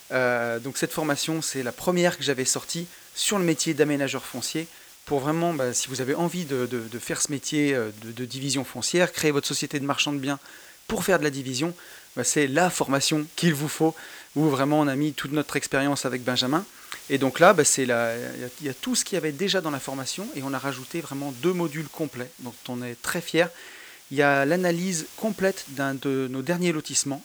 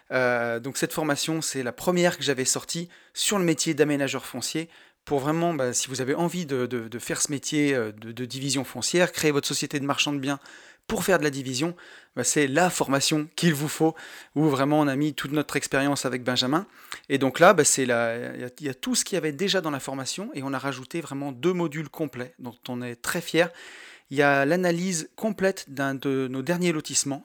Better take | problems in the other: second | hiss; noticeable; throughout; 20 dB below the speech

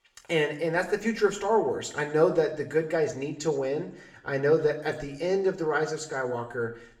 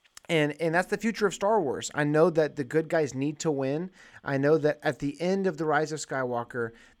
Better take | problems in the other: second | room echo; very slight; dies away in 0.6 s // off-mic speech; somewhat distant

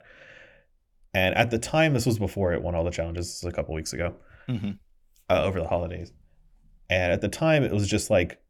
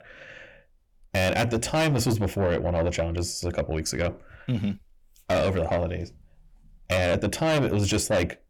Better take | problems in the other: first | distortion; heavy; 8 dB below the speech

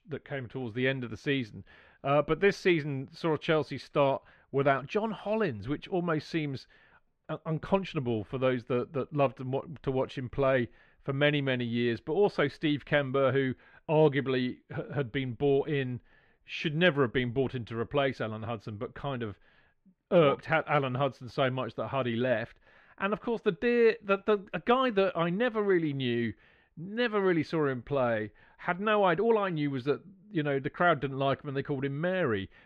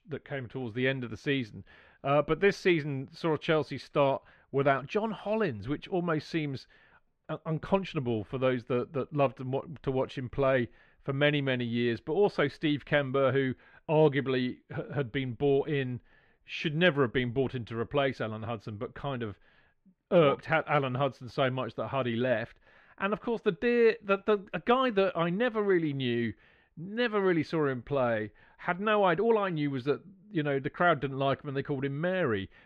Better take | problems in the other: neither | muffled; slightly; fading above 2 kHz; the same in both

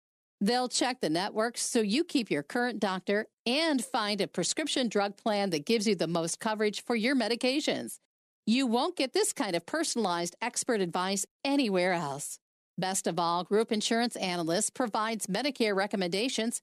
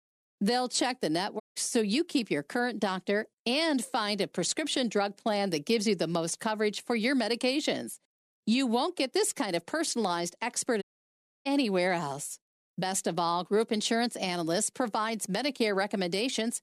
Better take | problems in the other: first | audio cutting out; at 1.5 s and at 11 s for 0.5 s

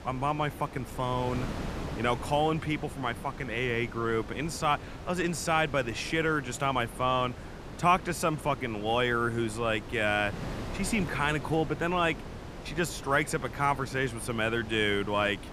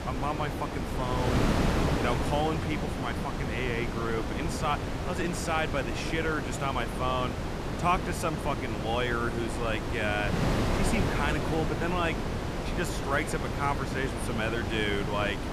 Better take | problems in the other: first | wind noise on the microphone; heavy; 3 dB below the speech; occasional gusts in the first

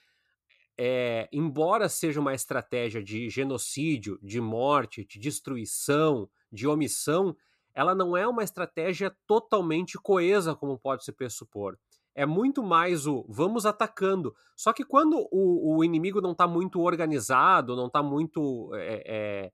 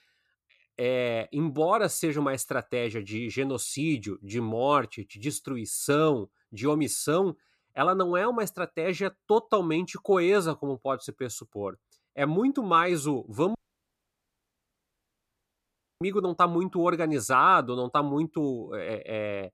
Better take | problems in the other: first | audio cutting out; at 14 s for 2.5 s

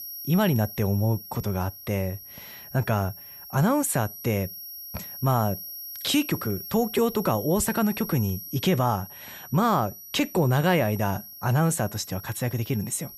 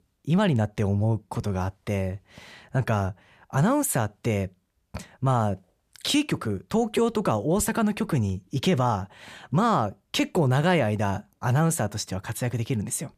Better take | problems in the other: second | high-pitched whine; noticeable; throughout; 11.5 kHz, 10 dB below the speech

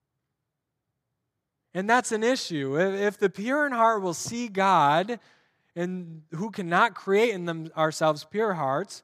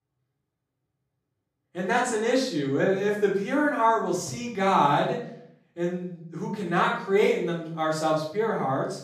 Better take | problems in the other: first | off-mic speech; far // room echo; noticeable; dies away in 0.5 s

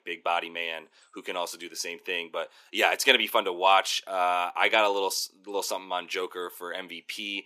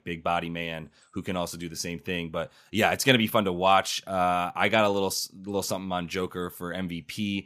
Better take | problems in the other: second | thin; very; fading below 350 Hz

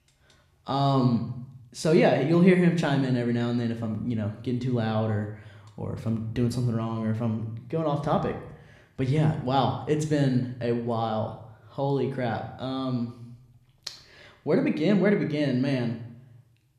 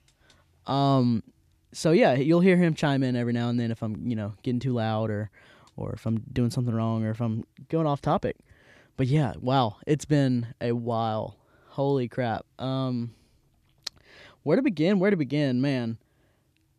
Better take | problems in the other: second | room echo; slight; dies away in 0.6 s

